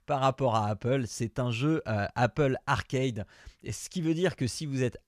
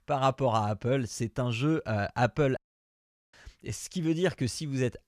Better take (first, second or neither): first